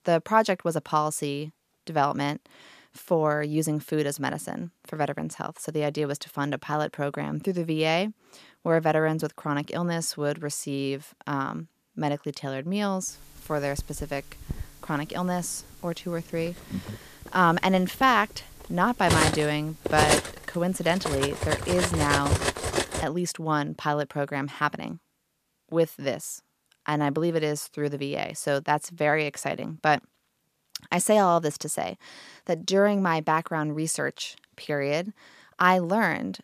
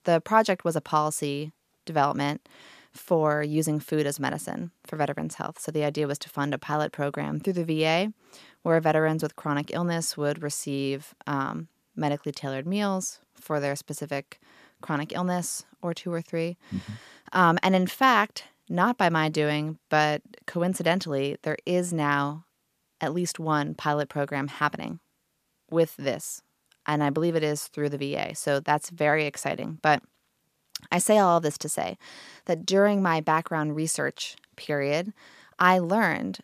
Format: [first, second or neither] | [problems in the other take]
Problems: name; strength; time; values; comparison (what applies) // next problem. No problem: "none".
second | clattering dishes; loud; from 14 to 23 s; peak 4 dB above the speech